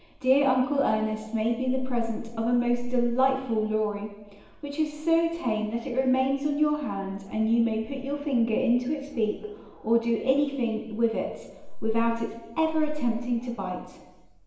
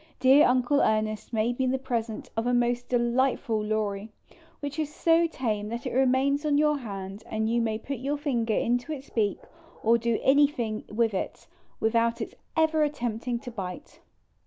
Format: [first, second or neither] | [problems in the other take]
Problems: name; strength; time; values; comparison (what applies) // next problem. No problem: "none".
second | room echo; dies away in 1.1 s